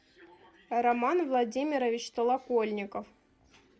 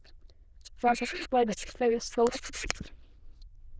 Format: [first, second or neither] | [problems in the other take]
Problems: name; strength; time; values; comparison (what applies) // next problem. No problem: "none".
first | noise reduction (neural diffusion model UNIVERSE++)